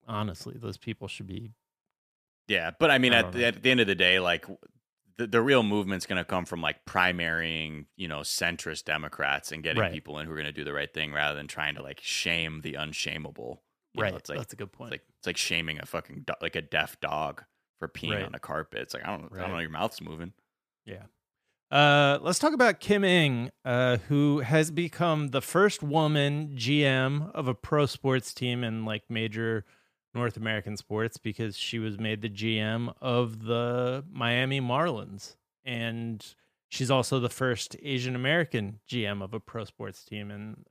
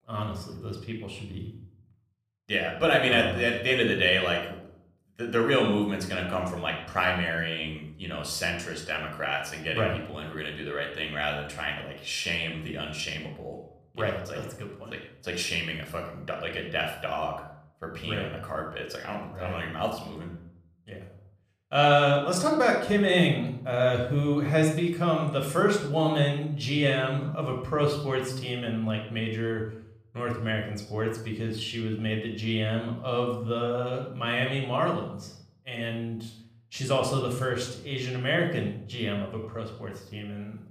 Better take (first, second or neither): first